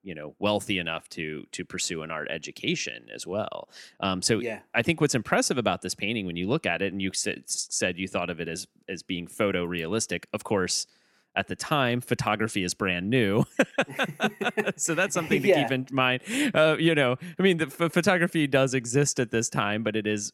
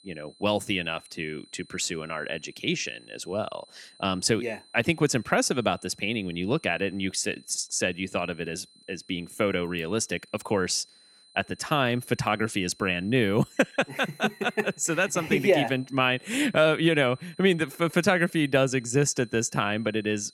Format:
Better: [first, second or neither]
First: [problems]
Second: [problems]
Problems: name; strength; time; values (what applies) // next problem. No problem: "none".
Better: first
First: none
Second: high-pitched whine; faint; throughout; 4 kHz, 25 dB below the speech